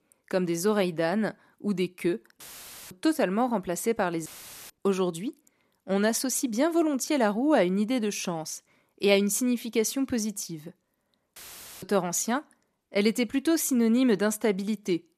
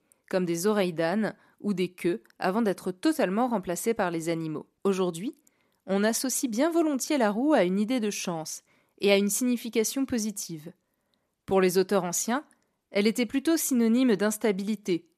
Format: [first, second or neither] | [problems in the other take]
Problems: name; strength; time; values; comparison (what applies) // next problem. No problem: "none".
second | audio cutting out; filled with static; at 2.5 s for 0.5 s, at 4.5 s and at 11 s